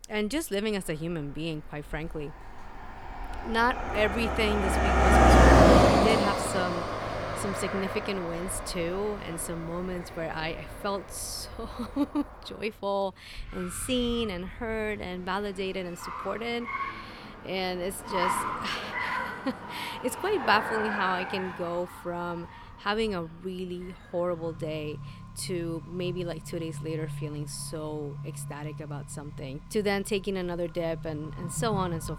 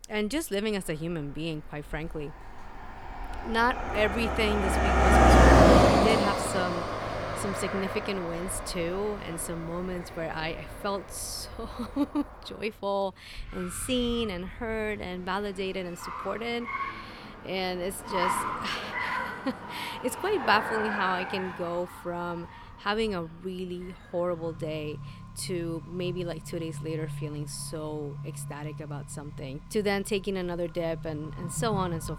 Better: neither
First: traffic noise; very loud; throughout; 5 dB above the speech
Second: traffic noise; very loud; throughout; 5 dB above the speech

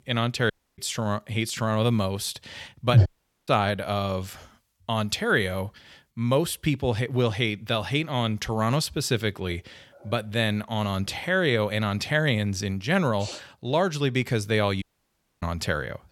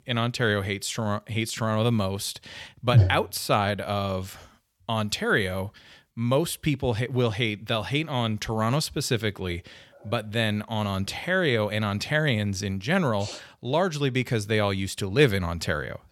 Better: second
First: audio cutting out; at 0.5 s, at 3 s and at 15 s for 0.5 s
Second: none

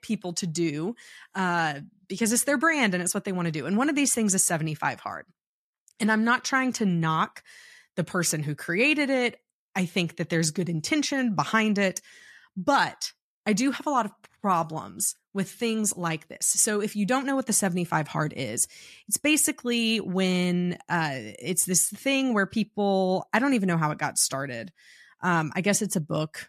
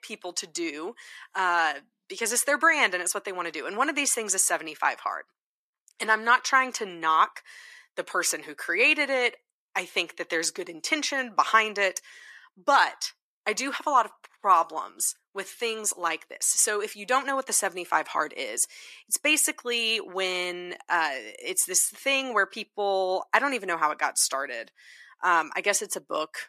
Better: first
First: none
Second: thin; very; fading below 350 Hz

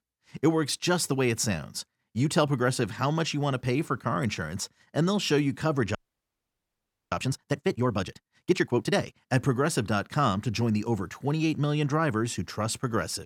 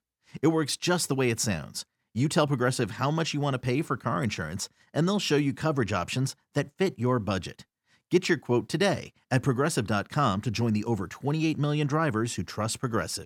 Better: second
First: audio freezing; at 6 s for 1 s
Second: none

